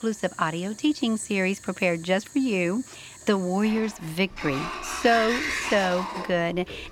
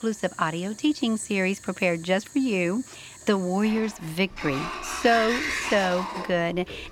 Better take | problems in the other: neither | household noises; loud; throughout; 7 dB below the speech; the same in both

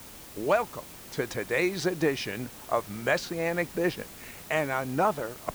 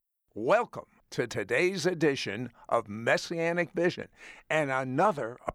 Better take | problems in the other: second | hiss; noticeable; throughout; 15 dB below the speech

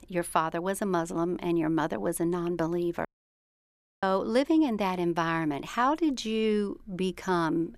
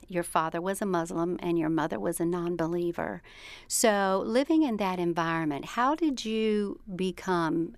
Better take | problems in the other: second | audio cutting out; at 3 s for 1 s

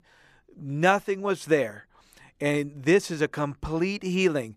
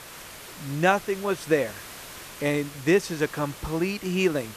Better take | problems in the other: first | hiss; noticeable; throughout; 15 dB below the speech

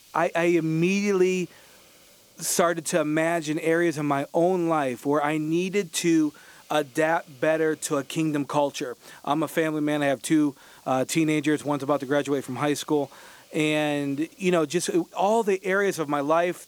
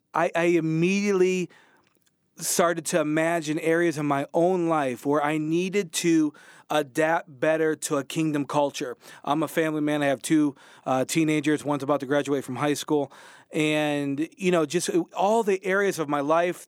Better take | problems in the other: second | hiss; faint; throughout; 30 dB below the speech

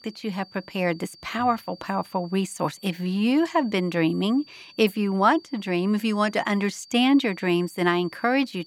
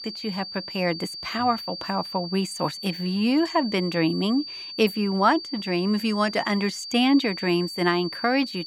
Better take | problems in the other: first | high-pitched whine; loud; throughout; 4.5 kHz, 9 dB below the speech; faint in the first

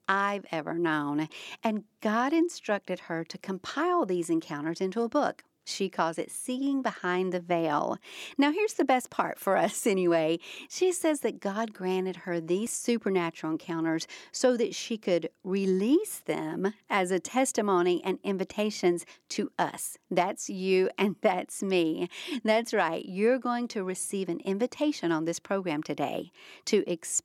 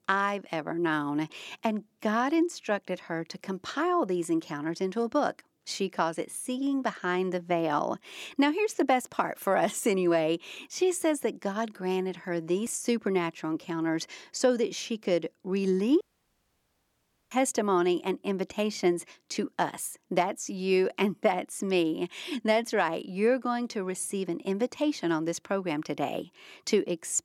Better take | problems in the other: first | audio cutting out; at 16 s for 1.5 s

